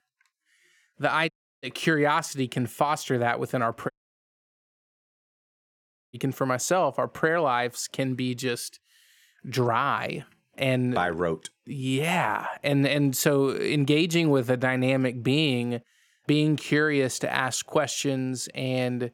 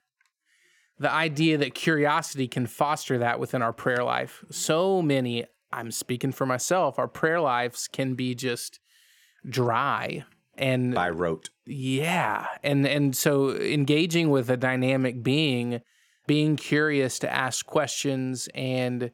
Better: second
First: audio cutting out; at 1.5 s and at 4 s for 2 s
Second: none

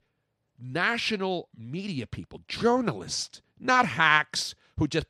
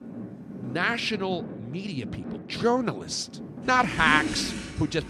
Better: first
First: none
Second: traffic noise; loud; throughout; 9 dB below the speech

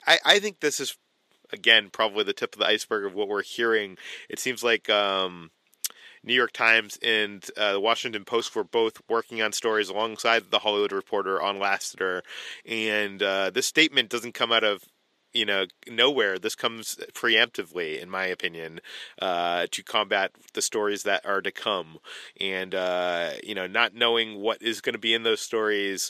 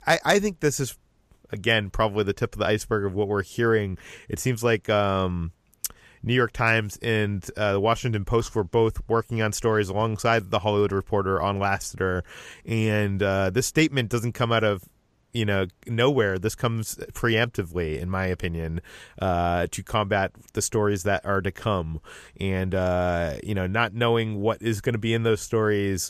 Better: second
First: thin; somewhat; fading below 300 Hz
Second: none

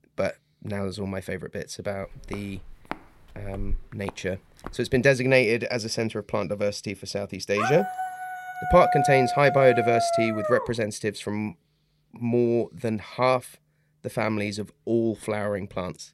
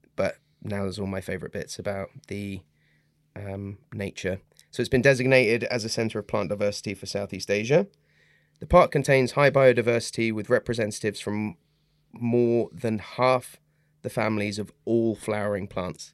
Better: second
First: footsteps; faint; from 2.5 to 4.5 s; peak 10 dB below the speech // dog barking; loud; from 7.5 to 11 s; peak 2 dB above the speech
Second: none

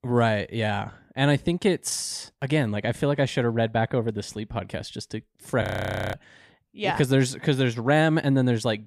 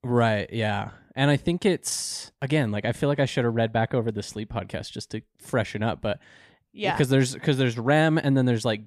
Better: second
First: audio freezing; at 5.5 s for 0.5 s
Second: none

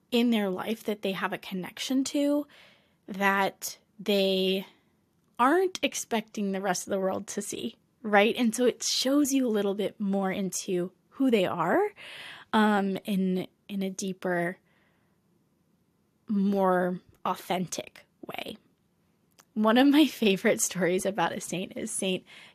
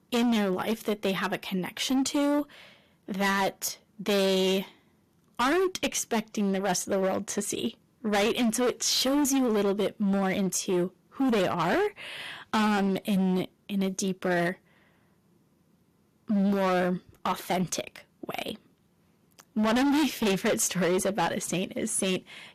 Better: first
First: none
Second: distortion; heavy; 15% of the sound clipped

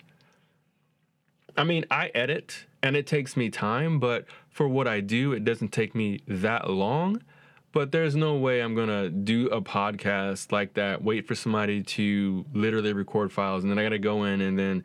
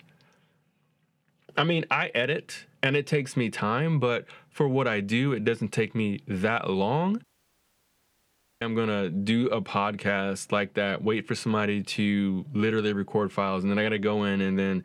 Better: first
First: none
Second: audio cutting out; at 7 s for 1.5 s

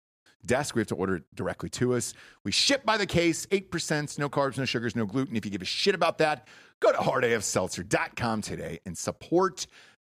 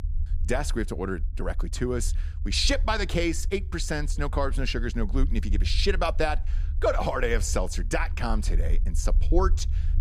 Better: first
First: none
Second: low rumble; faint; throughout; 20 dB below the speech

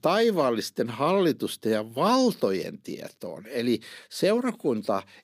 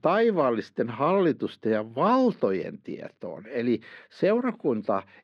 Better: first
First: none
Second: muffled; slightly; fading above 2 kHz

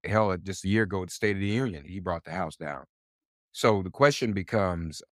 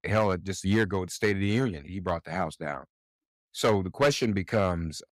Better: first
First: none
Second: distortion; slight; 2% of the sound clipped

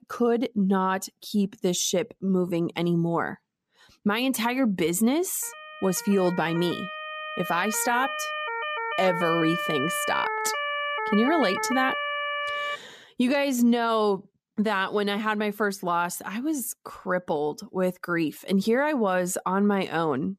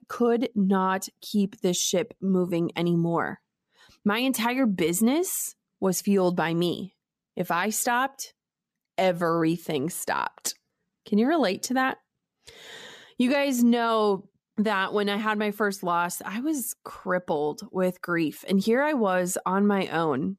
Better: second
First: siren; noticeable; from 5.5 to 13 s; peak 1 dB below the speech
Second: none

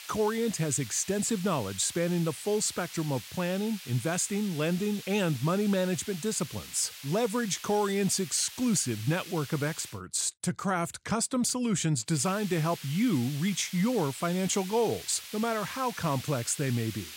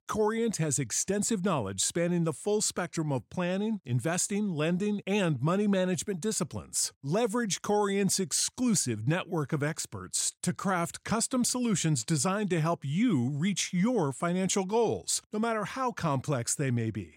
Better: second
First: hiss; noticeable; until 10 s and from 12 s on; 15 dB below the speech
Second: none

